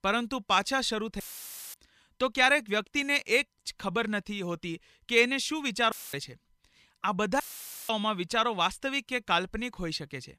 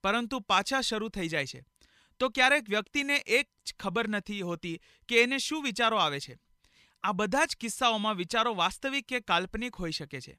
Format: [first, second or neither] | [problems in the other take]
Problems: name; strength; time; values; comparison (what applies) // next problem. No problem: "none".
second | audio cutting out; filled with static; at 1 s for 0.5 s, at 6 s and at 7.5 s